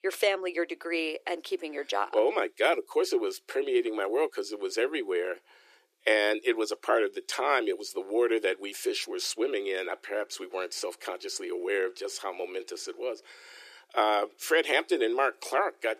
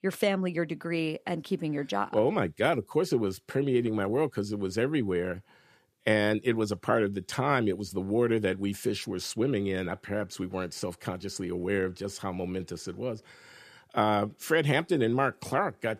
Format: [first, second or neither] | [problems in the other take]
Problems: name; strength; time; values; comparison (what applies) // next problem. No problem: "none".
second | thin; very; fading below 350 Hz